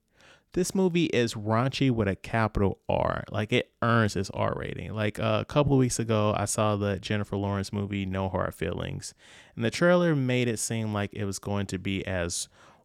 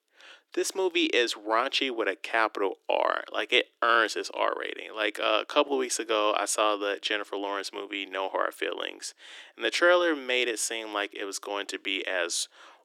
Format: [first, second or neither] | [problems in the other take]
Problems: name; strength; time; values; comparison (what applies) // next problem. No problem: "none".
first | thin; very; fading below 300 Hz